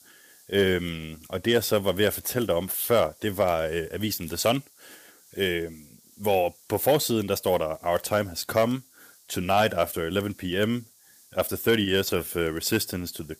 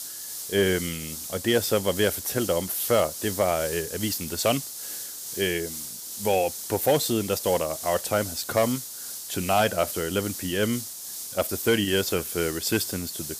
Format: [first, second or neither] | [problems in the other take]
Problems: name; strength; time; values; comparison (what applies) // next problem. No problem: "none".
first | hiss; loud; throughout; 7 dB below the speech; faint in the first